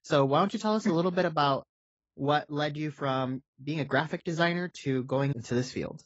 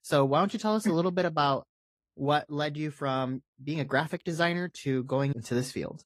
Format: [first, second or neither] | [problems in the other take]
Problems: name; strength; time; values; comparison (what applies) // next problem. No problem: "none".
second | garbled, watery; badly; nothing above 7.5 kHz; slightly in the second